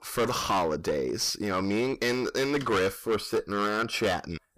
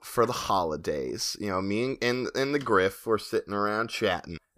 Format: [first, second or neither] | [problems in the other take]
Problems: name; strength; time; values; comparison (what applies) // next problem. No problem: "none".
second | distortion; heavy; 12% of the sound clipped